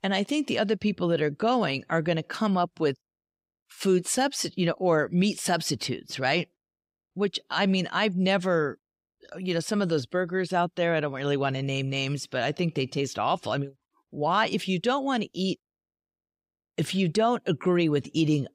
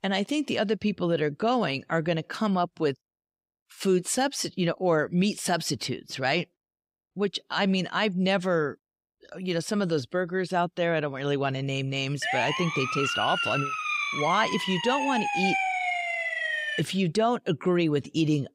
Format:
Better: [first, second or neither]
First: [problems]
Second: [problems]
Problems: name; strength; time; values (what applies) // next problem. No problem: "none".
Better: first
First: none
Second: siren; loud; from 12 to 17 s; peak 2 dB above the speech